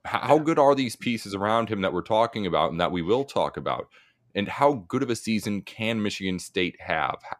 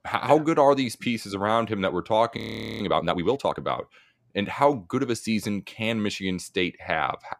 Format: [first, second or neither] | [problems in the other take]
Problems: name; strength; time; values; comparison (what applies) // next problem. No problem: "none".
first | audio freezing; at 2.5 s